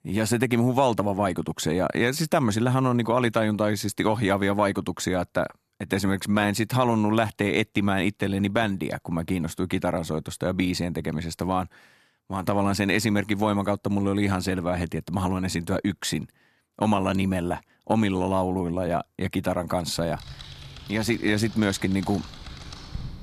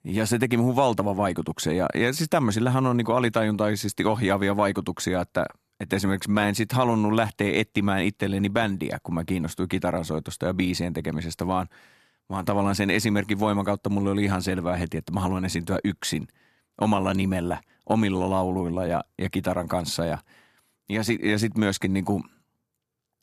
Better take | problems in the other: second | keyboard typing; faint; from 20 s on; peak 10 dB below the speech

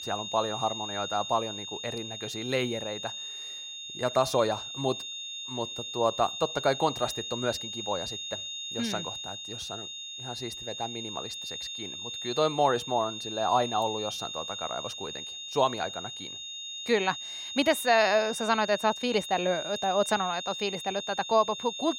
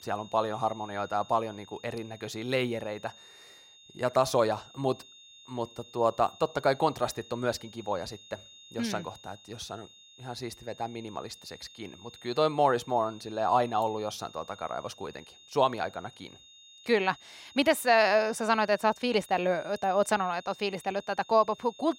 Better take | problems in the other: second | high-pitched whine; loud; throughout; 3.5 kHz, 6 dB below the speech; faint in the second

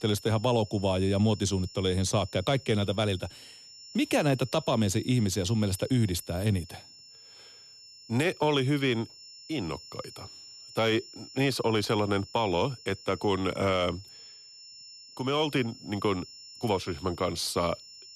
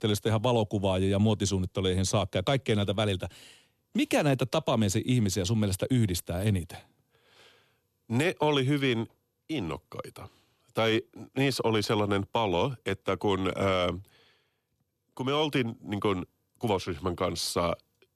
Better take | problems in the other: second | high-pitched whine; noticeable; throughout; 5.5 kHz, 20 dB below the speech

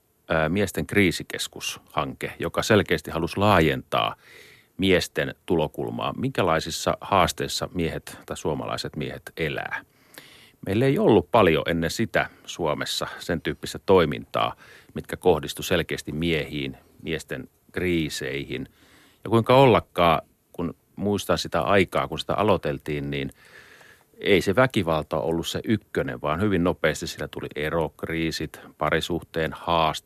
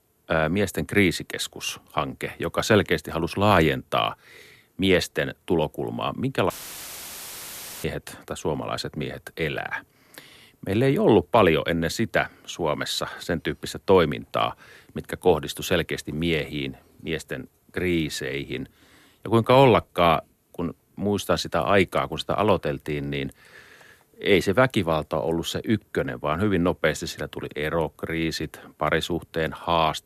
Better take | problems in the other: first | audio cutting out; filled with static; at 6.5 s for 1.5 s

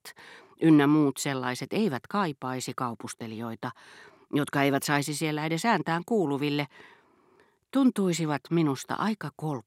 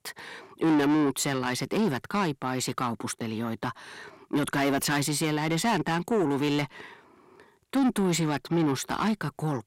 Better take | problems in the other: first | distortion; heavy; 7 dB below the speech

